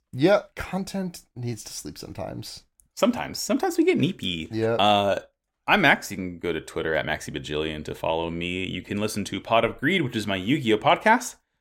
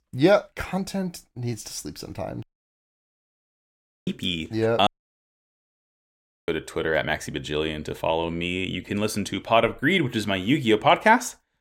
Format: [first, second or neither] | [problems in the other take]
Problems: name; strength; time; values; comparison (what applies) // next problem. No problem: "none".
first | audio cutting out; at 2.5 s for 1.5 s and at 5 s for 1.5 s